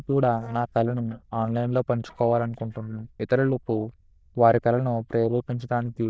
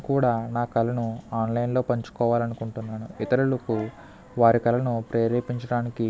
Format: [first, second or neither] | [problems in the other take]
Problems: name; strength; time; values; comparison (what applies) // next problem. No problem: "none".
second | noise reduction (neural diffusion model UNIVERSE++)